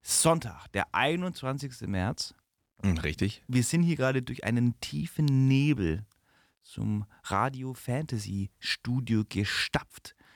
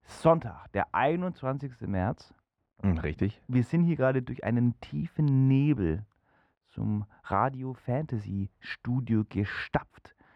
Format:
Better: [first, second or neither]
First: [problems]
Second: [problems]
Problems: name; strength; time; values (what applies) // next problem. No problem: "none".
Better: first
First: none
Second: muffled; very; fading above 4 kHz